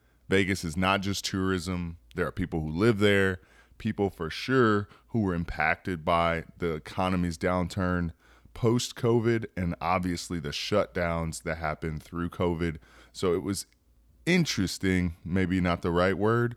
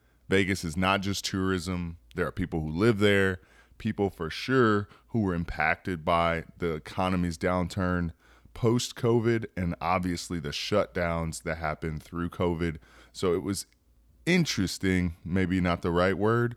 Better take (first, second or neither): neither